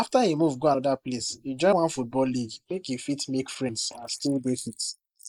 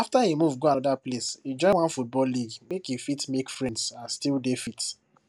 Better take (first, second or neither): second